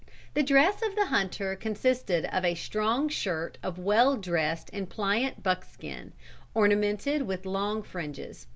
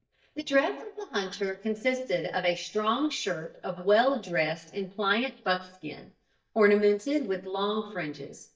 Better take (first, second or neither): first